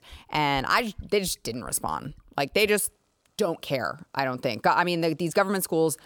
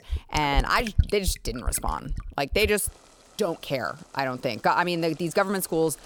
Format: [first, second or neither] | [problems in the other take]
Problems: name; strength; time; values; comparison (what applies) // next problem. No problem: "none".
first | household noises; loud; throughout; 7 dB below the speech; faint in the first